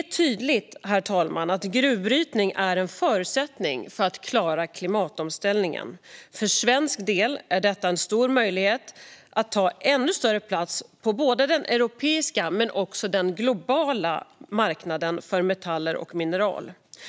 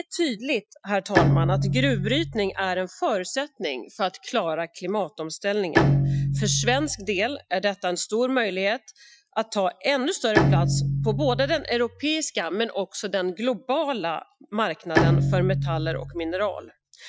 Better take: first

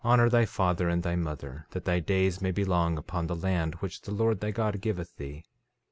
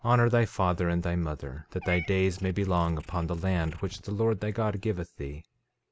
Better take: first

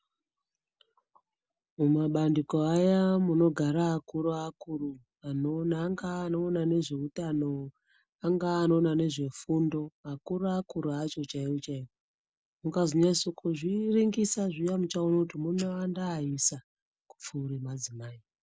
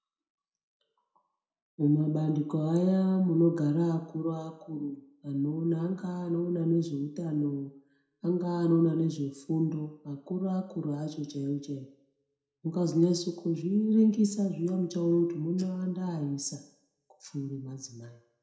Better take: first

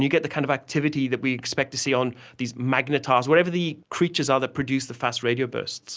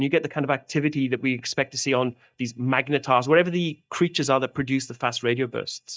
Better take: first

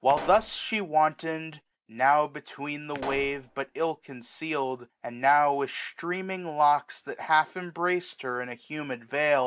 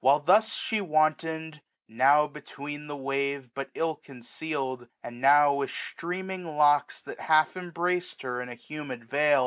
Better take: second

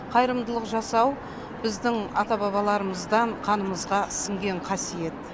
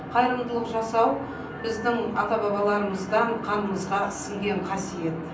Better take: first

